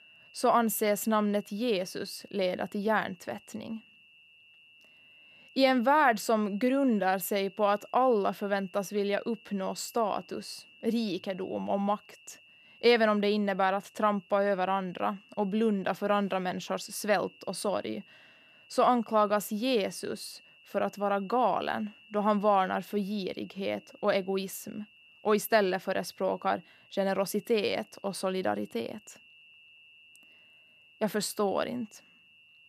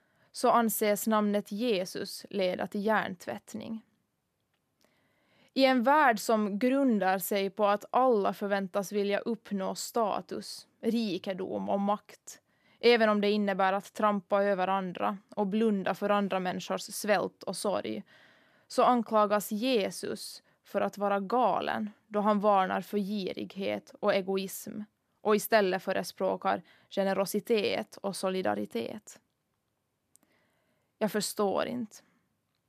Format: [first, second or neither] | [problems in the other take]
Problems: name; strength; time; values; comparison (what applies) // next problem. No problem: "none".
second | high-pitched whine; faint; throughout; 2.5 kHz, 25 dB below the speech